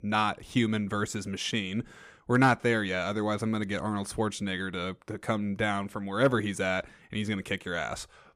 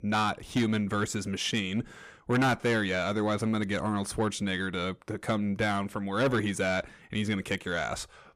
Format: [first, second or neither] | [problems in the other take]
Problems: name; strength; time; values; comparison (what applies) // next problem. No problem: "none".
first | distortion; slight; 10 dB below the speech